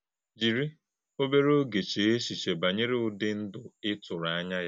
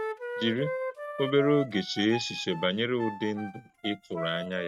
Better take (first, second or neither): first